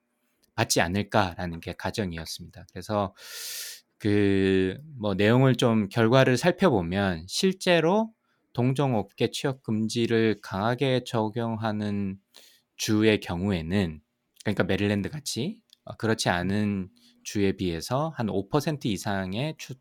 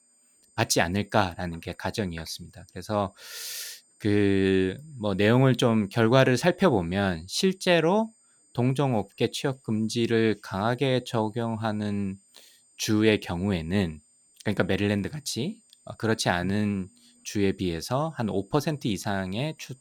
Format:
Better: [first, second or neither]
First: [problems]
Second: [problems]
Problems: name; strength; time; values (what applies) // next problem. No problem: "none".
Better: first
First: none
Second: high-pitched whine; faint; throughout; 8.5 kHz, 30 dB below the speech